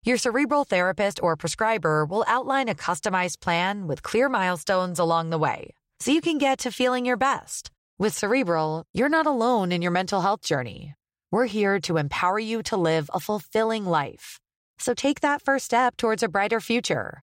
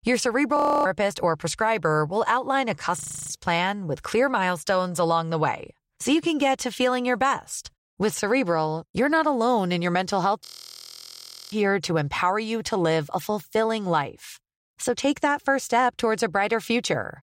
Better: first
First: none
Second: audio freezing; at 0.5 s, at 3 s and at 10 s for 1 s

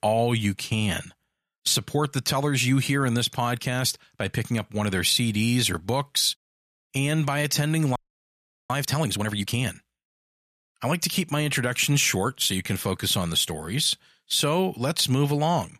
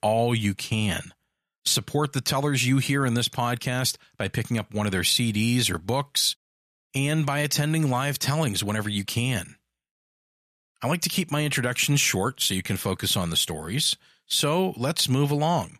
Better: second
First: audio freezing; at 8 s for 0.5 s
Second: none

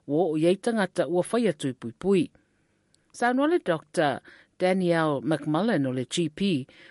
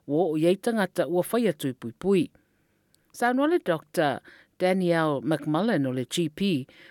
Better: second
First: garbled, watery; slightly; nothing above 11 kHz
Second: none

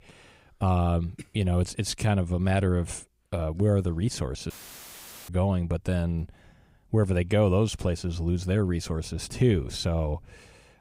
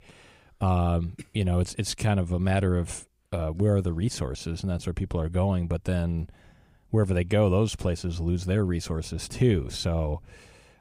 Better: second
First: audio cutting out; filled with static; at 4.5 s for 1 s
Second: none

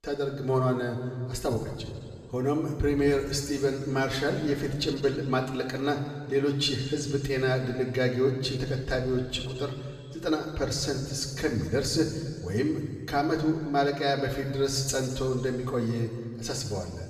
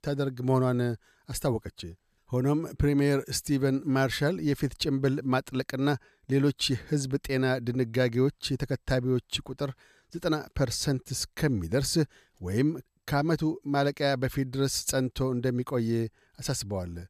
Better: second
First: room echo; noticeable; dies away in 2.1 s // off-mic speech; far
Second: none

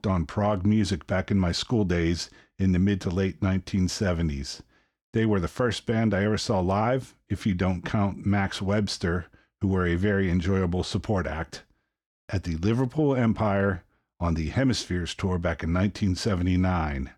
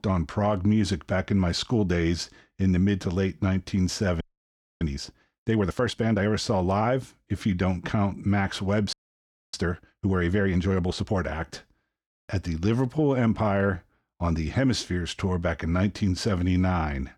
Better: first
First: none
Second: audio freezing; at 4 s for 0.5 s and at 9 s for 0.5 s

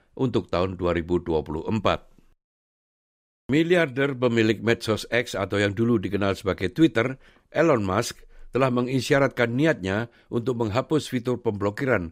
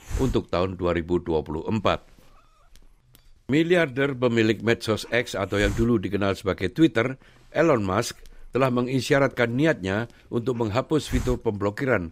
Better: first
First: none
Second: hiss; noticeable; throughout; 15 dB below the speech

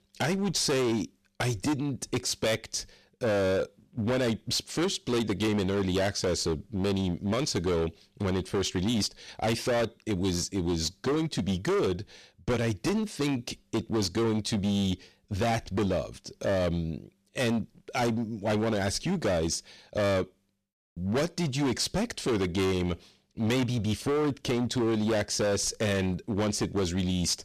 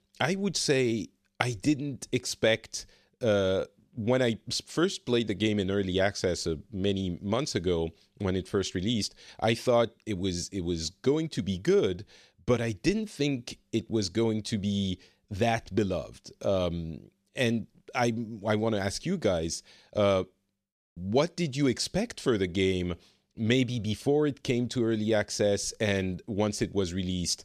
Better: second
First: distortion; heavy; 19% of the sound clipped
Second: none

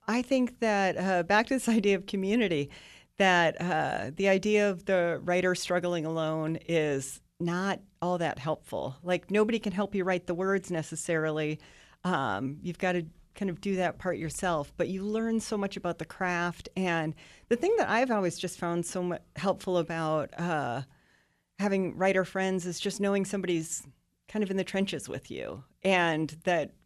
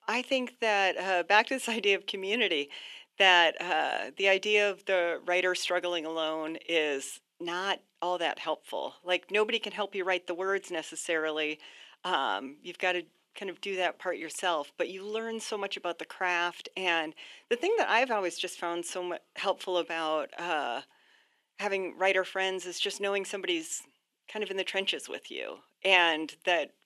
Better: first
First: none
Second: thin; somewhat; fading below 300 Hz

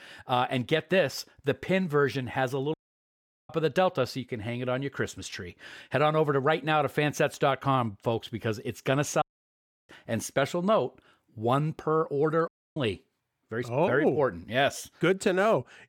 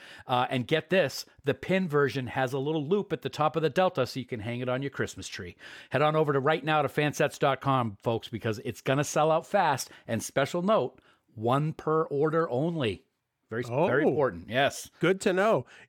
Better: second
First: audio cutting out; at 2.5 s for 1 s, at 9 s for 0.5 s and at 12 s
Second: none

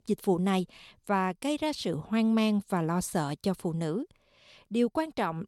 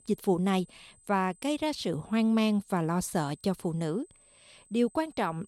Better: first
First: none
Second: high-pitched whine; faint; throughout; 8 kHz, 30 dB below the speech

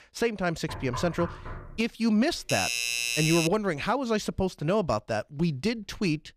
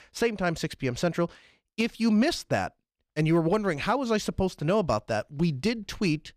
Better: second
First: door banging; noticeable; from 0.5 to 2 s; peak 8 dB below the speech // doorbell; loud; from 2.5 to 3.5 s; peak 2 dB above the speech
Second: none

